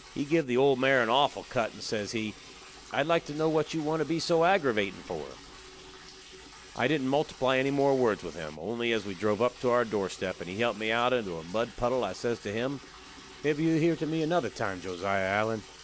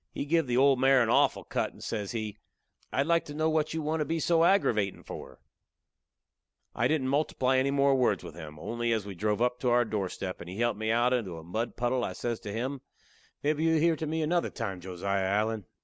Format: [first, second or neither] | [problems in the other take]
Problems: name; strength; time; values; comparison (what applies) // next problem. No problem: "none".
second | background sound (Liquid); 19 dB below the speech